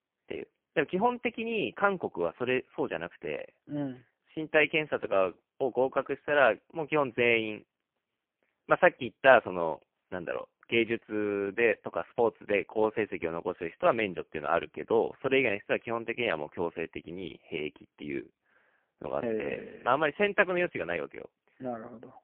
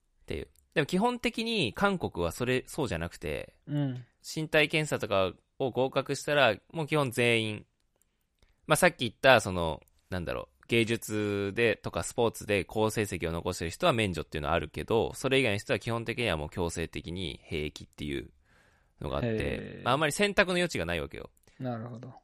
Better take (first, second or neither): second